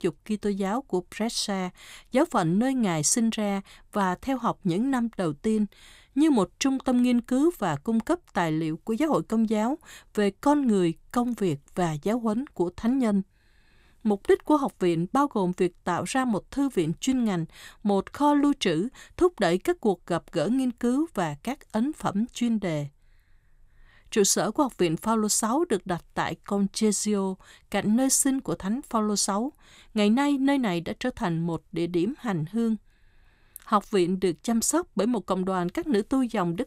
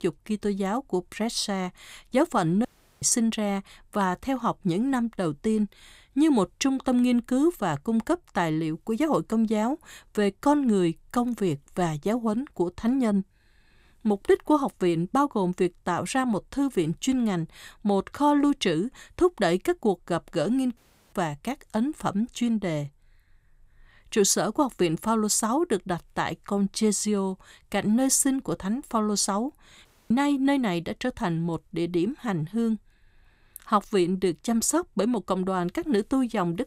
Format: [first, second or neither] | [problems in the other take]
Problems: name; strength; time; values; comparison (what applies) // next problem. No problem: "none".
first | audio cutting out; at 2.5 s, at 21 s and at 30 s